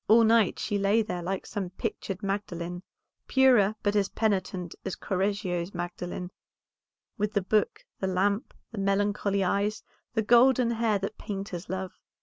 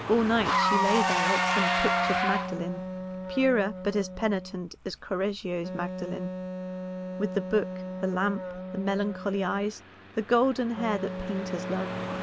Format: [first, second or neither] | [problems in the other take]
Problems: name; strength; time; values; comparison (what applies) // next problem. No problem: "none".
first | background sound (Engine / Car + Wind instrument, woodwind instrument); 2 dB below the speech